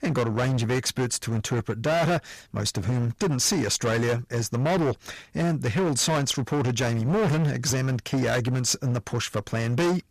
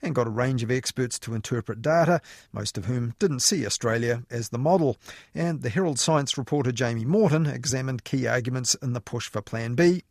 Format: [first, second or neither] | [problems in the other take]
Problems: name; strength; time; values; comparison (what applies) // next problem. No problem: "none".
second | distortion; heavy; 22% of the sound clipped